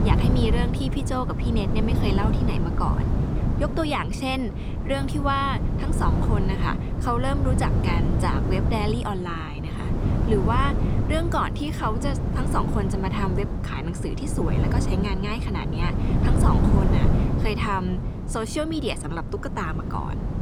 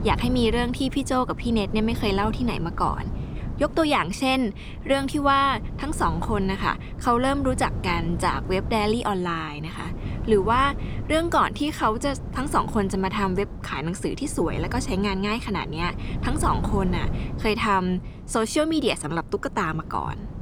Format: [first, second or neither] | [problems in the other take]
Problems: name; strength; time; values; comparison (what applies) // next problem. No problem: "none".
second | wind noise on the microphone; heavy; 5 dB below the speech; occasional gusts in the second